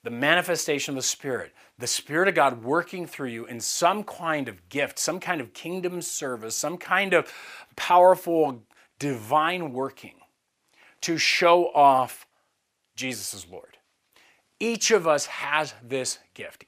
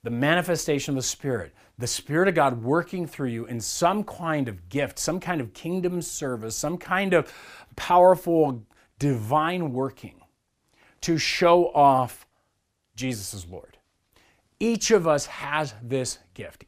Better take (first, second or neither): second